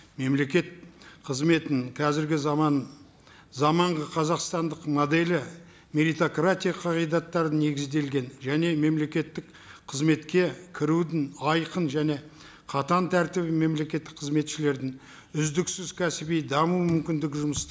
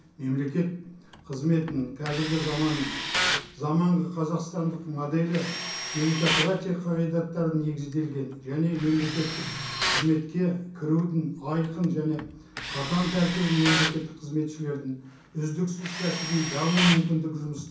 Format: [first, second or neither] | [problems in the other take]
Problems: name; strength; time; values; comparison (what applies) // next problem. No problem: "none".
first | background sound (Tools); 7 dB below the speech // room echo; dies away in 0.6 s